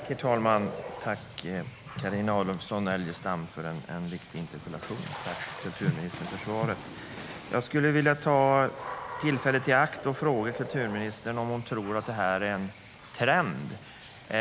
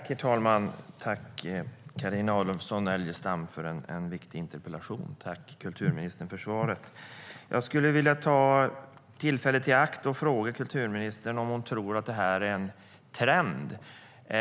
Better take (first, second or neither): second